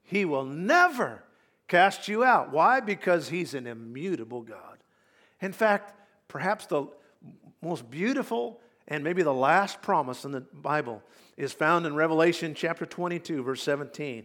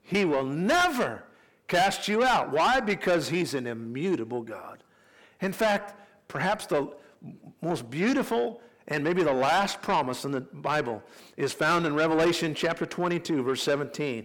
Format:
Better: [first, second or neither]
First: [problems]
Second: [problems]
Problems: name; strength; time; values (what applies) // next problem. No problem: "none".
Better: first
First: none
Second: distortion; heavy; 6 dB below the speech